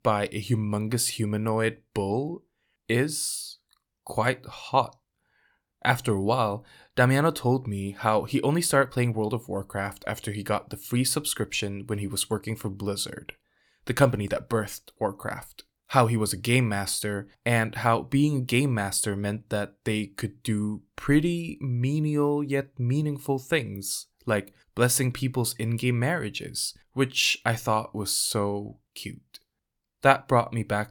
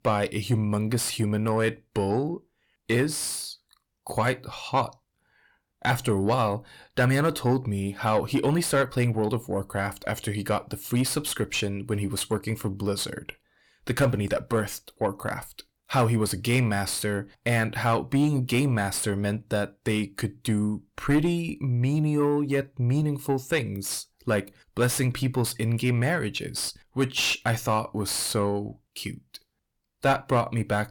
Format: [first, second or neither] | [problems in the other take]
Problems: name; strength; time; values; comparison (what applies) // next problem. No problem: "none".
first | distortion; slight; 10 dB below the speech